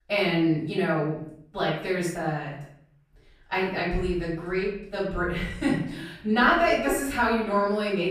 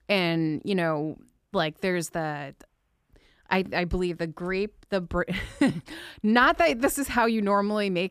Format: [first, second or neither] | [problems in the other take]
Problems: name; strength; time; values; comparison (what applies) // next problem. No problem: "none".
second | off-mic speech; far // room echo; noticeable; dies away in 0.6 s